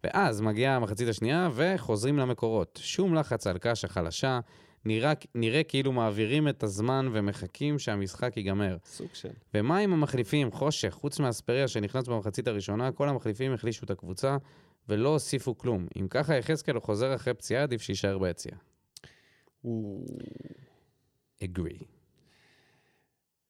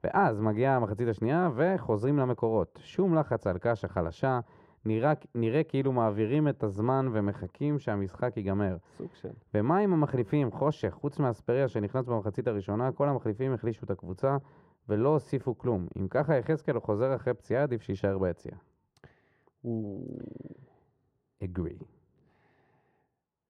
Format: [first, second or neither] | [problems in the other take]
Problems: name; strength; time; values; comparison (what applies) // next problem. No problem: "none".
first | muffled; very; fading above 2.5 kHz